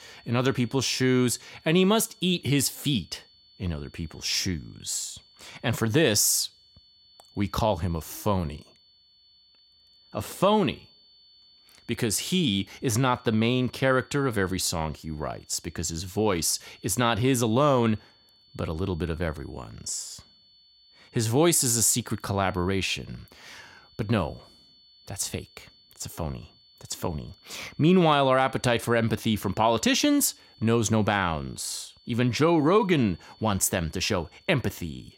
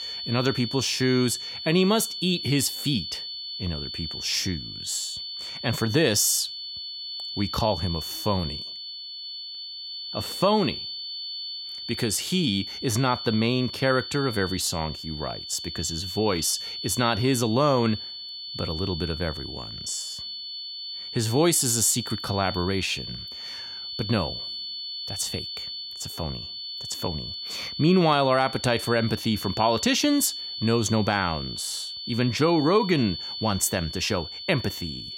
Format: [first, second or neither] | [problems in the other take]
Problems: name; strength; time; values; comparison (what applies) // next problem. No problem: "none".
first | high-pitched whine; loud; throughout; 4.5 kHz, 7 dB below the speech; faint in the first